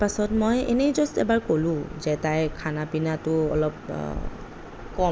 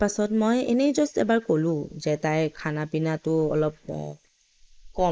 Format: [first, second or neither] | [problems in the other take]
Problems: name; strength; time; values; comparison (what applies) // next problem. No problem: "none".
first | noise reduction (neural mask model Resemble Enhance denoiser)